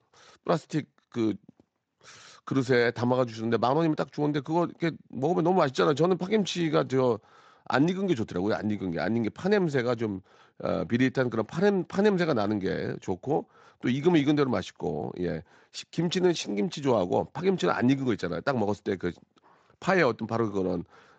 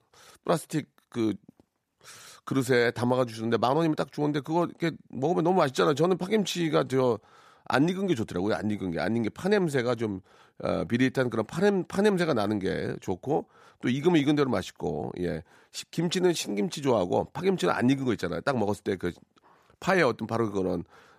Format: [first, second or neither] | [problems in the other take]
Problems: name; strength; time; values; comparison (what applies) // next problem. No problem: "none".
second | garbled, watery; slightly; nothing above 7.5 kHz